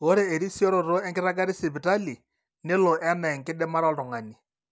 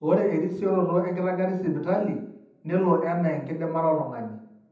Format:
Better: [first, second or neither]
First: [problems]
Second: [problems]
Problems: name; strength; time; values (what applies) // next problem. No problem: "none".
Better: first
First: none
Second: room echo; dies away in 0.8 s